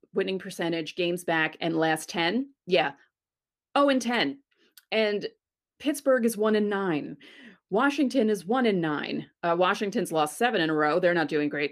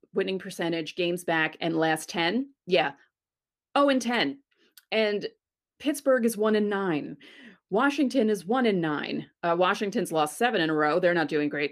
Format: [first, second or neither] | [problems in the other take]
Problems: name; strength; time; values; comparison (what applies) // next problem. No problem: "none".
neither | none